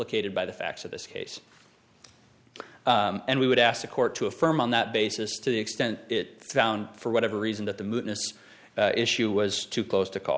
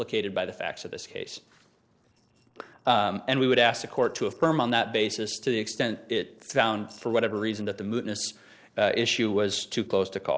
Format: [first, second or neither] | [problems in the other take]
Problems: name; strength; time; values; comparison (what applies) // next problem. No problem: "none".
first | noise reduction (neural separator model SepFormer DNS4)